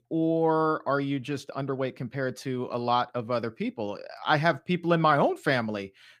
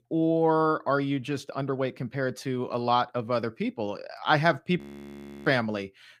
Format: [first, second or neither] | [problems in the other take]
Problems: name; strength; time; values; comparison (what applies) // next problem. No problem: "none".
first | audio freezing; at 5 s for 0.5 s